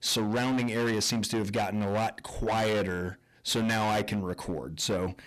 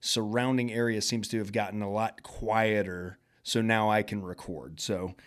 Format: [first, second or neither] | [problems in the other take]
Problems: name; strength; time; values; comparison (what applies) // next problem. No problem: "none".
second | distortion; heavy; 23% of the sound clipped